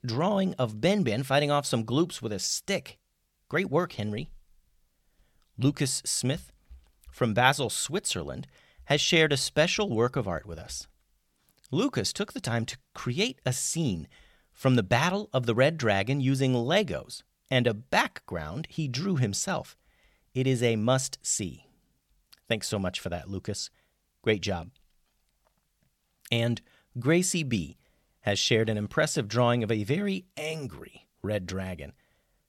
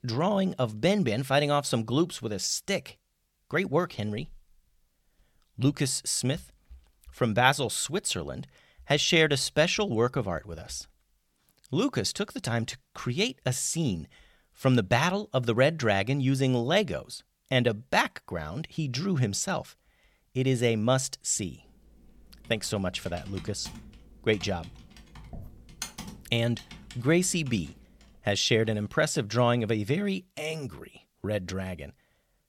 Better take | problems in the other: first | keyboard typing; faint; from 22 to 28 s; peak 10 dB below the speech

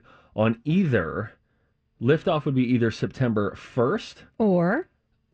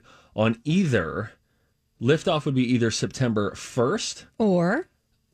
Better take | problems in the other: second | muffled; slightly; fading above 2.5 kHz

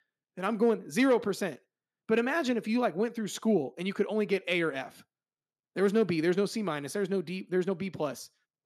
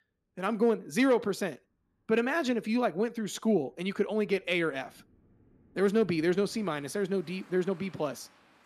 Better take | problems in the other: first | rain or running water; faint; throughout; 30 dB below the speech

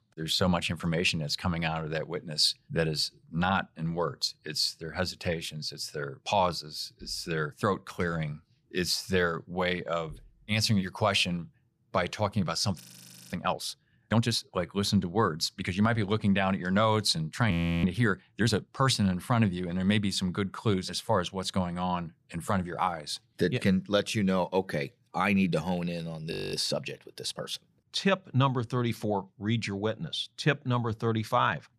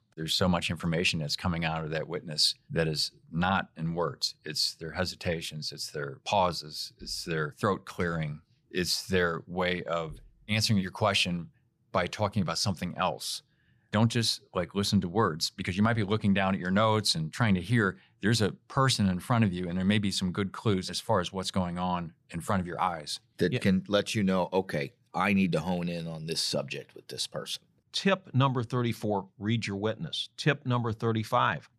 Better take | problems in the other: second | audio freezing; at 13 s for 0.5 s, at 18 s and at 26 s

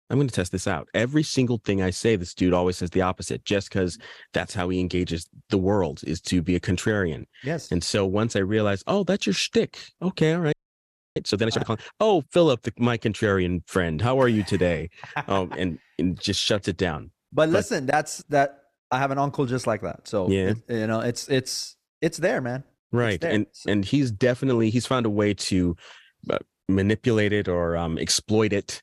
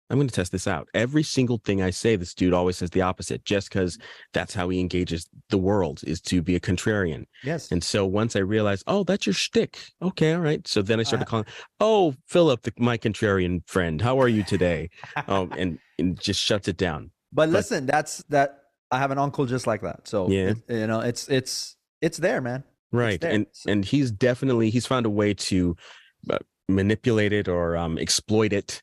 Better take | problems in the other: second | audio freezing; at 11 s for 0.5 s

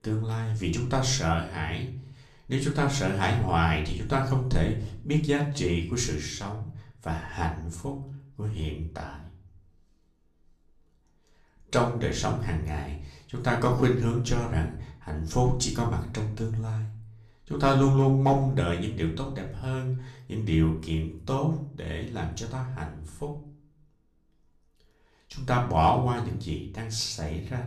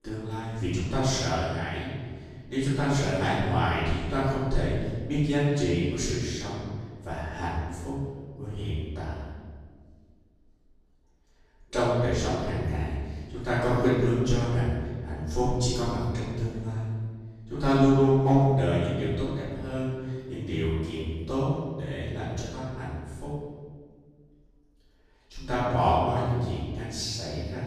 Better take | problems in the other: first | room echo; strong; dies away in 1.6 s; slight in the first // off-mic speech; far; somewhat distant in the first

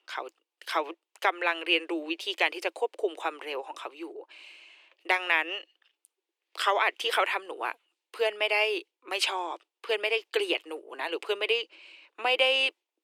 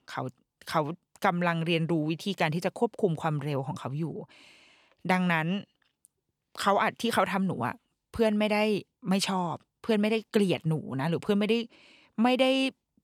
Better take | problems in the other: second | thin; very; fading below 300 Hz

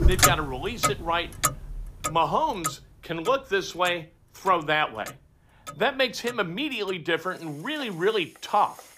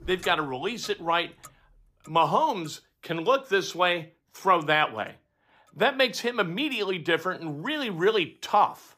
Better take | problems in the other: second | household noises; loud; throughout; 1 dB below the speech; faint in the second

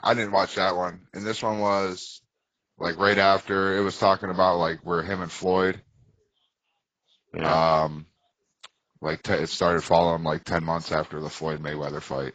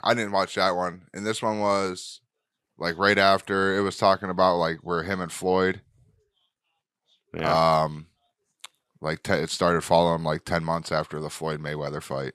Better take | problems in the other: second | garbled, watery; badly; nothing above 7.5 kHz

